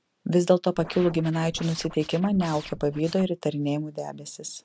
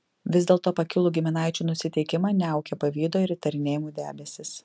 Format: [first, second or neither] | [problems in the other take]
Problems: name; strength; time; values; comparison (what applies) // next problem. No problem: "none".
second | background sound (Scratching (performance technique)); 17 dB below the speech